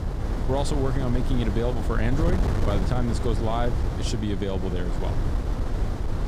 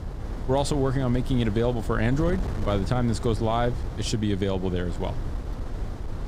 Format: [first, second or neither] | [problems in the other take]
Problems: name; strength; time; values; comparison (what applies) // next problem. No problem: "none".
second | wind noise on the microphone; heavy; 5 dB below the speech; occasional gusts in the second